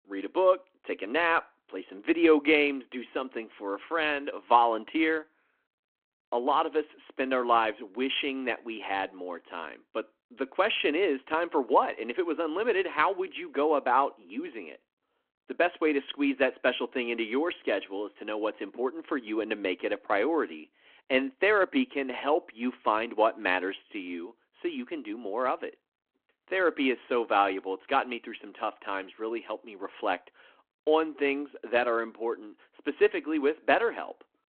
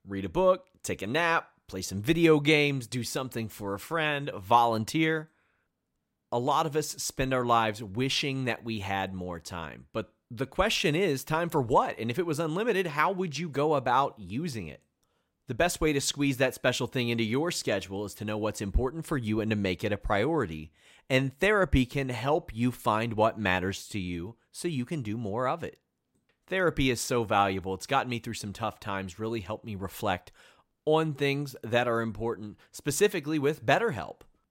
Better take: second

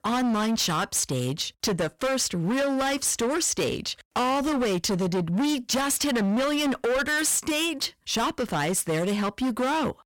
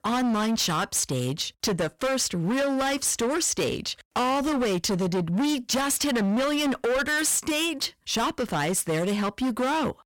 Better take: neither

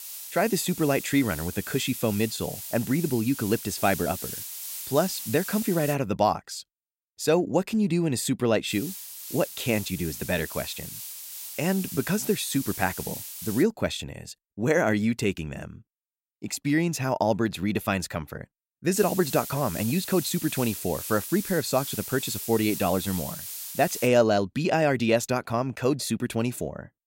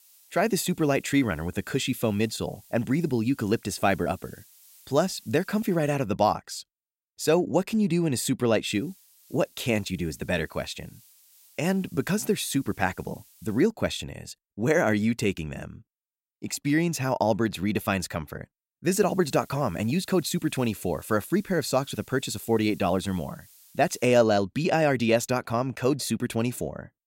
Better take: second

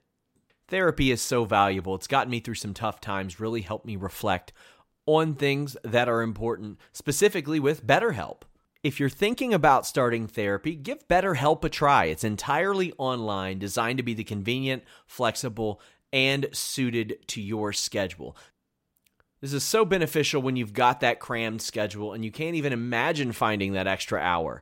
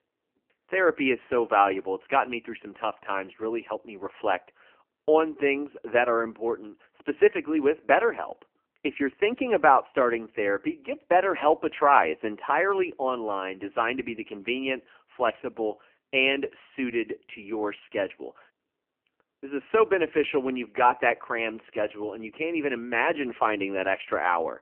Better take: first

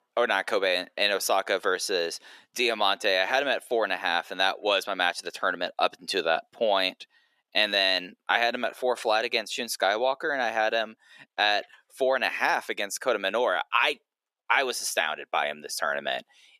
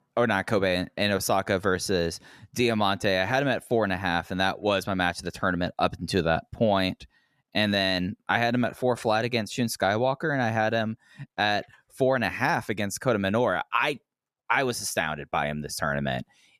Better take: second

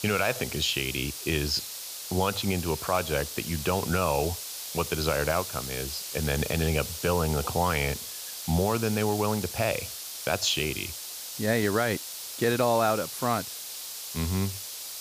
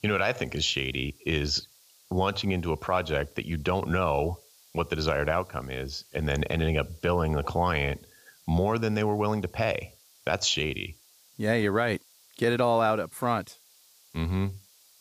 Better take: second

